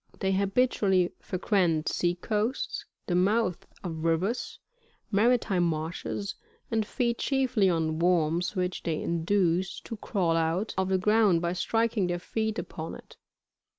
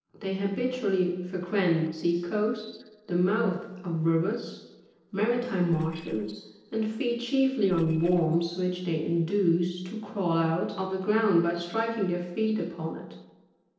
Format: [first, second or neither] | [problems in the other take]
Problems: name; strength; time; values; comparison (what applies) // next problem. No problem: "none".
first | noise reduction (neural separator model SepFormer DNS4)